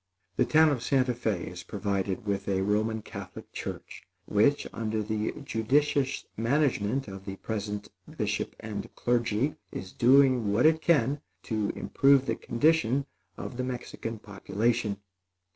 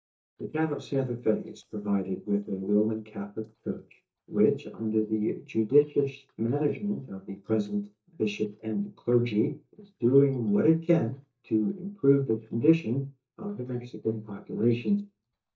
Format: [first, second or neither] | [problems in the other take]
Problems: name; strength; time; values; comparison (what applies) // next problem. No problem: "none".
first | noise reduction (neural mask model DeepFilterNet 3)